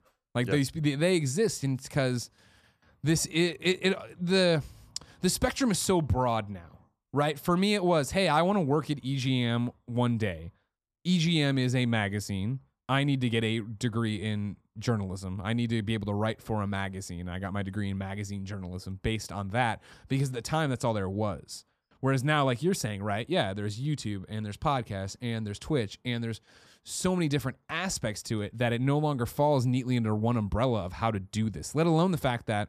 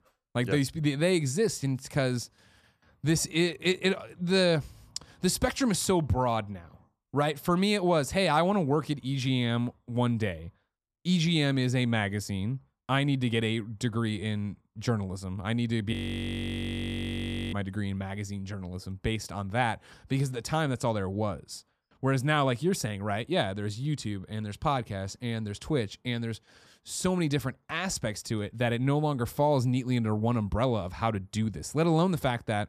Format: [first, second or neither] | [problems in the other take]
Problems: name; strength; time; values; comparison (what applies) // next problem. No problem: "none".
first | audio freezing; at 16 s for 1.5 s